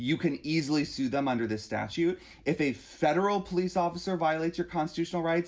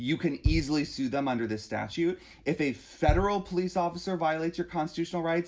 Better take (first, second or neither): first